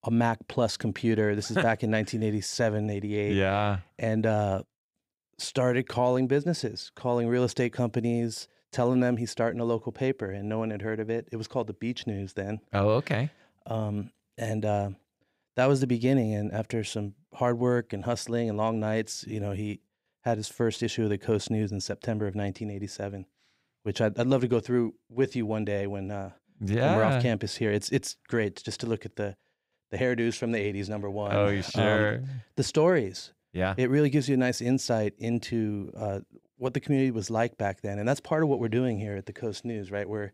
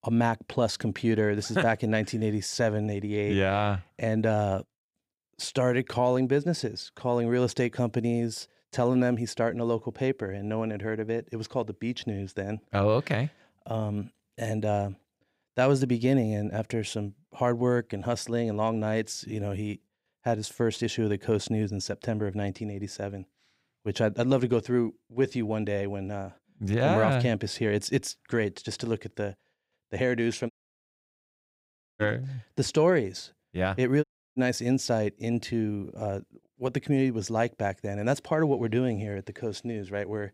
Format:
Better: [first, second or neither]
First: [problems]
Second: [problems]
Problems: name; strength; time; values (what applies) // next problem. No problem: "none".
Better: first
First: none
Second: audio cutting out; at 31 s for 1.5 s and at 34 s